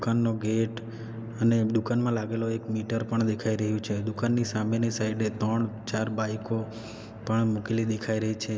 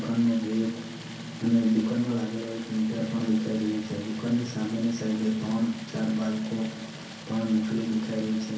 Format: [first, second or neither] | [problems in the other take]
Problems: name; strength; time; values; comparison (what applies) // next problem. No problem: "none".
first | background sound (Stream); 17 dB below the speech // room echo; dies away in 0.6 s